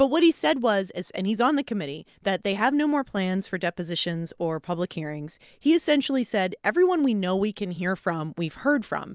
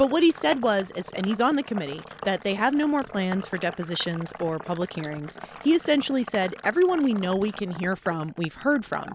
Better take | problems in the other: first | background sound (Sink (filling or washing)); 16 dB below the speech

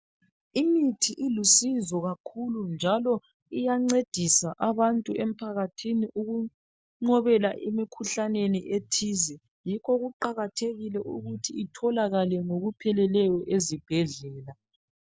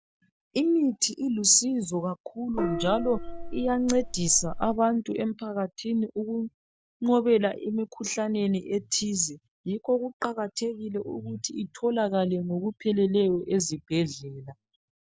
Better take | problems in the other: first | background sound (Gong); 5 dB below the speech

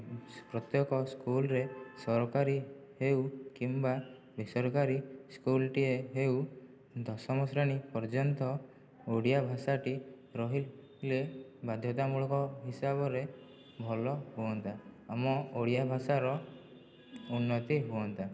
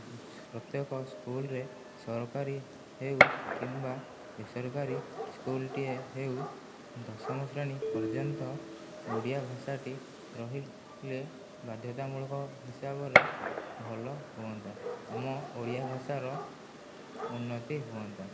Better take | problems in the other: first | background sound (Telephone + Gunshot, gunfire); 2 dB above the speech

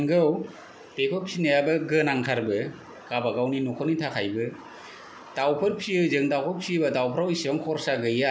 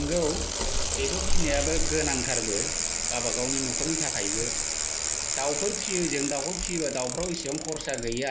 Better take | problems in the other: first | background sound (Bicycle); 4 dB above the speech

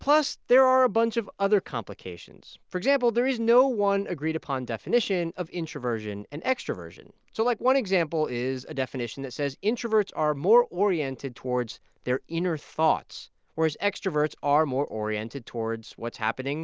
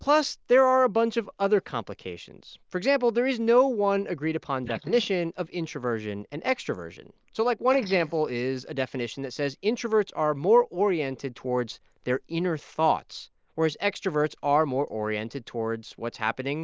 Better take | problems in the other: first | noise reduction (neural mask model Resemble Enhance denoiser)

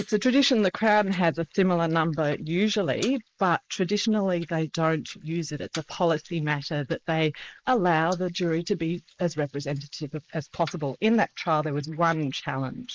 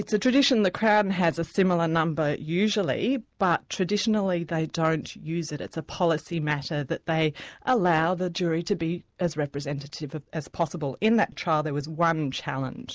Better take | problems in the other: second | noise reduction (neural mask model Resemble Enhance denoiser)

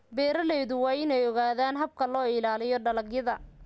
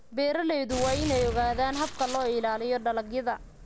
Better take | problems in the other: first | background sound (Gunshot, gunfire); 9 dB below the speech

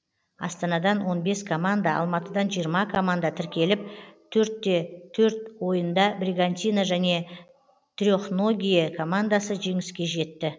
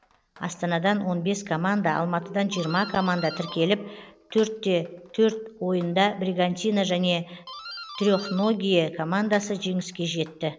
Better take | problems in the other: first | background sound (Doorbell); 20 dB below the speech

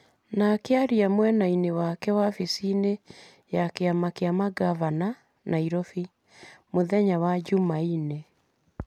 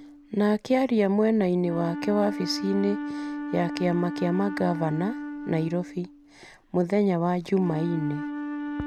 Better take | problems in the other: first | background sound (Wind instrument, woodwind instrument); 9 dB below the speech

